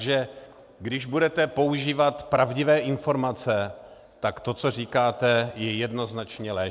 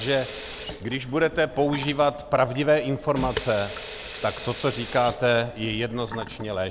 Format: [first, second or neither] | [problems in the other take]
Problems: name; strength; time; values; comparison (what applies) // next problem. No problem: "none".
first | background sound (Sink (filling or washing) / Water tap, faucet); 13 dB below the speech